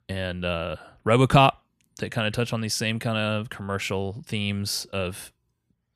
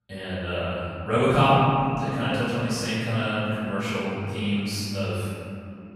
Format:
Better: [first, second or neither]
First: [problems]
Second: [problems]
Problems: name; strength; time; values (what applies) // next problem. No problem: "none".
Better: first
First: none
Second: off-mic speech; far // room echo; strong; dies away in 3 s